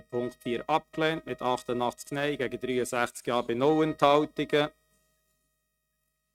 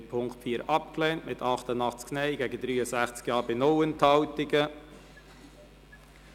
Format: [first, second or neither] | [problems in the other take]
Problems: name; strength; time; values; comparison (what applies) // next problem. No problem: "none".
second | noise reduction (neural mask model RNNoise)